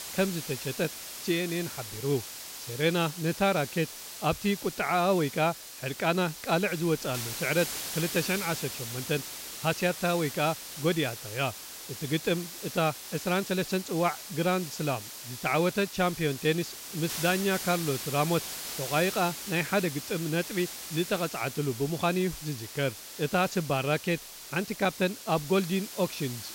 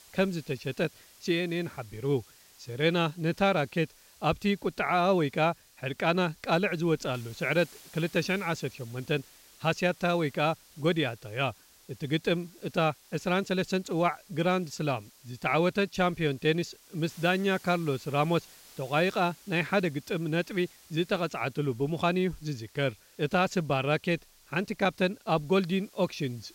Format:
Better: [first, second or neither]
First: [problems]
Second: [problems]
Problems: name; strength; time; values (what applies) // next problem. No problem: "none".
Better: second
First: hiss; loud; throughout; 8 dB below the speech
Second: hiss; faint; throughout; 25 dB below the speech